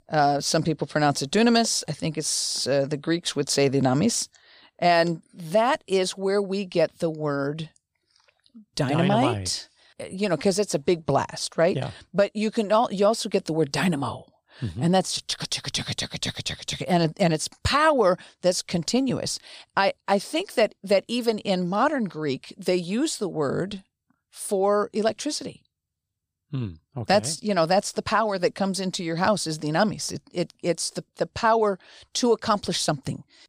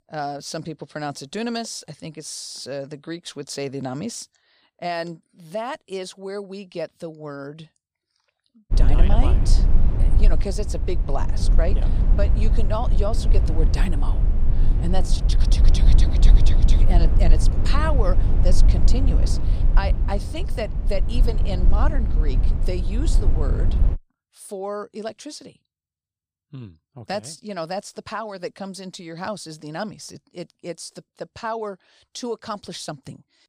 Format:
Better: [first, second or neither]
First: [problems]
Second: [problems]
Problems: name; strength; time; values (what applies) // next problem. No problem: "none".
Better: first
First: none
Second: low rumble; loud; from 8.5 to 24 s; 7 dB below the speech